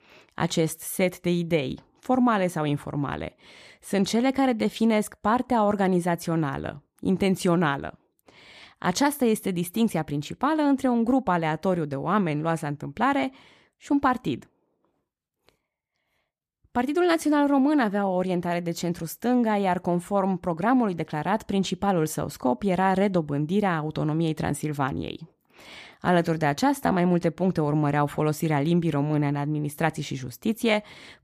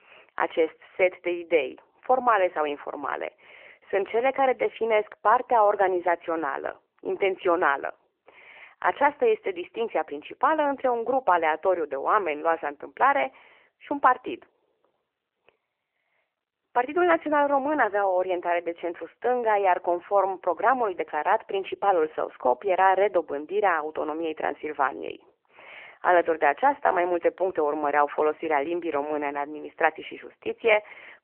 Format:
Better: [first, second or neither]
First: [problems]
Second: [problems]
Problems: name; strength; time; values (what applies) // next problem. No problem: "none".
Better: first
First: none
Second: phone-call audio; nothing above 3 kHz